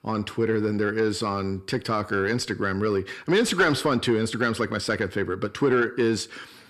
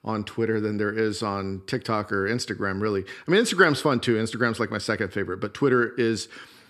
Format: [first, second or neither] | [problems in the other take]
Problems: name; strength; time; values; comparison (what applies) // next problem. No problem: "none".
second | distortion; slight; 10 dB below the speech